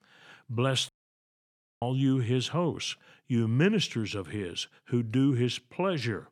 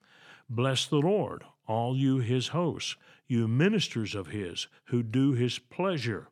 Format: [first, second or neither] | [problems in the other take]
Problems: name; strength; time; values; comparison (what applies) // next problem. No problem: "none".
second | audio cutting out; at 1 s for 1 s